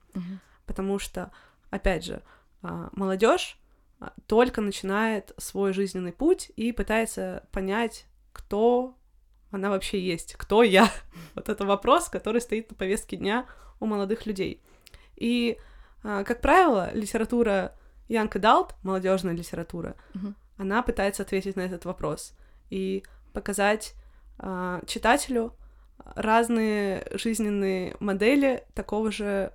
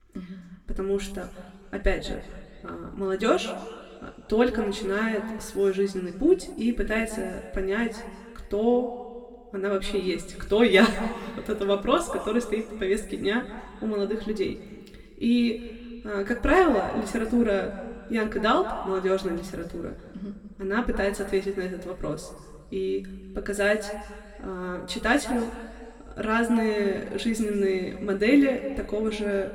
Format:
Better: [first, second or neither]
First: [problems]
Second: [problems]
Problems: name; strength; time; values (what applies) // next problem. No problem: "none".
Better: first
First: none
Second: room echo; slight; dies away in 1.7 s // off-mic speech; somewhat distant